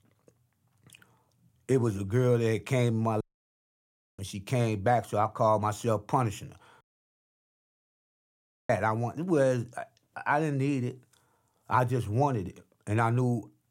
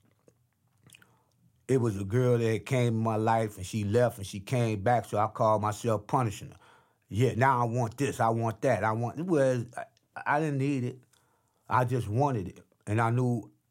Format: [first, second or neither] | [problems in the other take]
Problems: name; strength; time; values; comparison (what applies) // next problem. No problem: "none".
second | audio cutting out; at 3 s for 1 s and at 7 s for 2 s